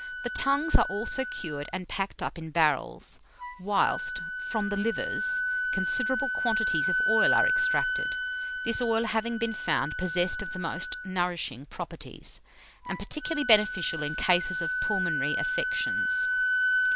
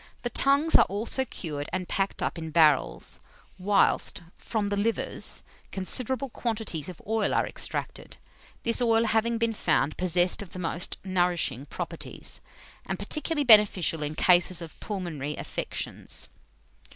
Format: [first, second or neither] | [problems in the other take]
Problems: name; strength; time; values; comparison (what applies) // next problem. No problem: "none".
second | background sound (Wind instrument, woodwind instrument); as loud as the speech